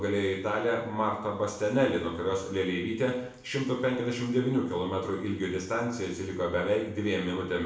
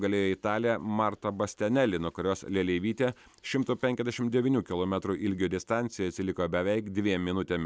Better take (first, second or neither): second